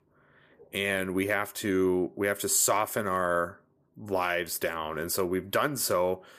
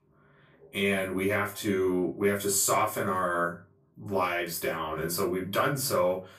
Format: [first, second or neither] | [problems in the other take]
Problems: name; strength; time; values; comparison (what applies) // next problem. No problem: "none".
first | off-mic speech; far // room echo; slight; dies away in 0.2 s